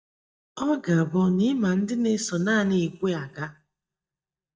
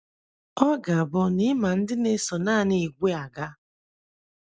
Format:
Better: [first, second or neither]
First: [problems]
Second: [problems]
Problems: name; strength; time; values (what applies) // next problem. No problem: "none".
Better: second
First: noise reduction (neural mask model DeepFilterNet 3)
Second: none